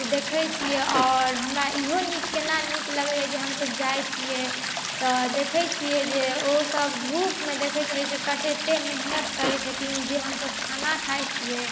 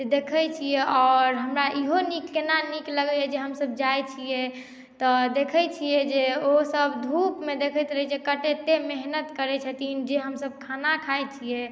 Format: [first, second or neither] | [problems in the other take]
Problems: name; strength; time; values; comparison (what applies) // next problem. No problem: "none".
second | background sound (Fart + Stream); 3 dB below the speech